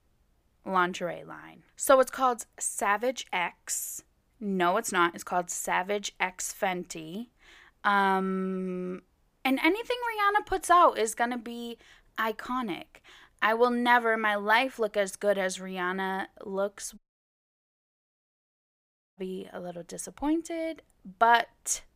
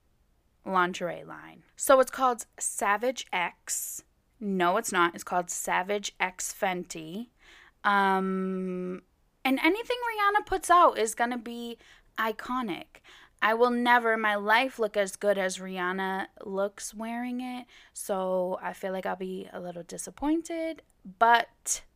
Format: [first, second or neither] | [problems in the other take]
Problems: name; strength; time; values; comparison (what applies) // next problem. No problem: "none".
second | audio cutting out; at 17 s for 2 s